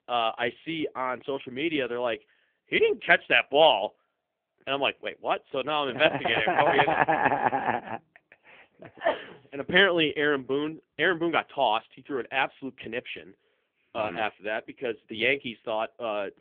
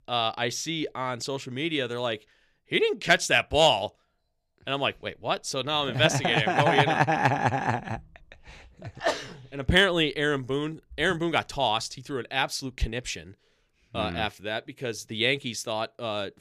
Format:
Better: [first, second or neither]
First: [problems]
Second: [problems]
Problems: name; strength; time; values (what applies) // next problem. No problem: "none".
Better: second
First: phone-call audio; poor line; nothing above 3.5 kHz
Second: none